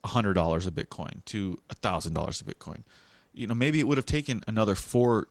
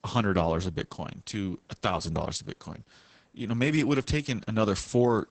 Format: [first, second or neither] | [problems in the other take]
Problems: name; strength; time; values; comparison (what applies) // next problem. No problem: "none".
first | garbled, watery; badly; nothing above 8 kHz; slightly in the first